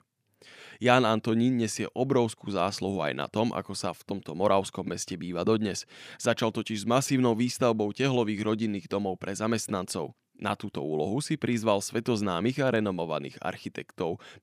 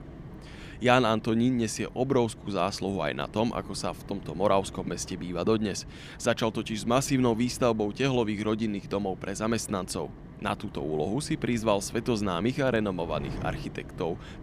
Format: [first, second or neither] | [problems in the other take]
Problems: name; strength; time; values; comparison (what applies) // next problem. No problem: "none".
first | wind noise on the microphone; occasional gusts; 20 dB below the speech